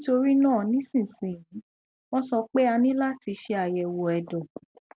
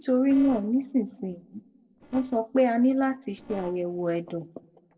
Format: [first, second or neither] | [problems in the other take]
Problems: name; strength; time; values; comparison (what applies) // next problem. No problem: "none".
first | noise reduction (neural separator model SepFormer DNS4)